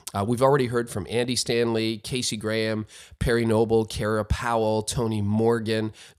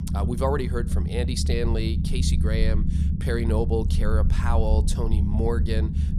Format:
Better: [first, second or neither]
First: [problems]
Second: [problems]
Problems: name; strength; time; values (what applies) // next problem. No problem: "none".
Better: first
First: none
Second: low rumble; loud; throughout; 8 dB below the speech